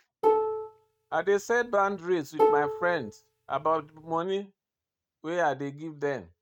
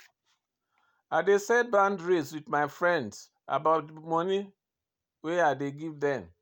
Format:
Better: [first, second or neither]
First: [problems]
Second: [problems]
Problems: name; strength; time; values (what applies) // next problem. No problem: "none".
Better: second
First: noise reduction (neural mask model RNNoise)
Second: none